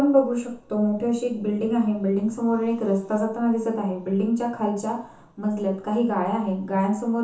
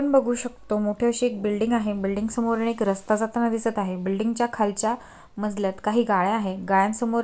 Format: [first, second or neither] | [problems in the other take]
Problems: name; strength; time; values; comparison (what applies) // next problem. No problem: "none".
second | room echo; dies away in 0.7 s